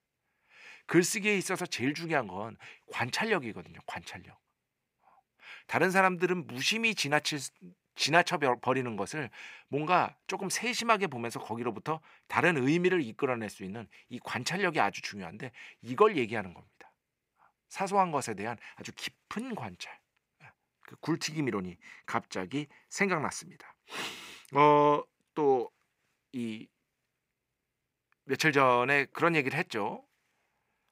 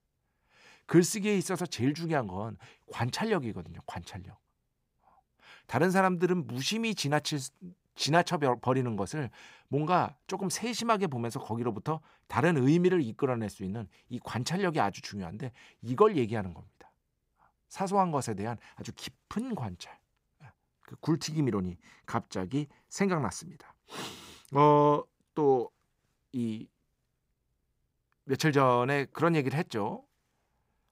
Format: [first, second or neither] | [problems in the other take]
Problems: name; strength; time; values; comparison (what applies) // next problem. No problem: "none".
second | thin; very slightly; fading below 550 Hz